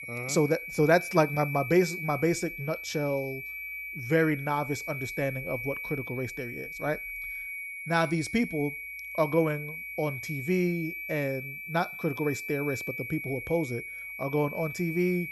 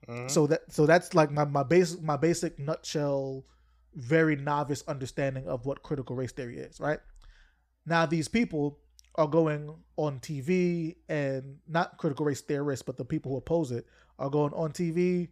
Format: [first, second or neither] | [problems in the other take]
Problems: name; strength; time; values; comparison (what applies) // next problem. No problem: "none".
second | high-pitched whine; loud; throughout; 2.5 kHz, 7 dB below the speech